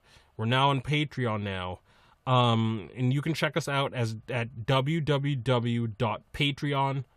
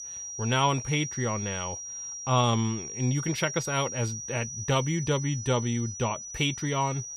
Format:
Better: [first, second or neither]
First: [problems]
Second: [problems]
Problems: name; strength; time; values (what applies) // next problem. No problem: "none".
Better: first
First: none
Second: high-pitched whine; loud; throughout; 5.5 kHz, 7 dB below the speech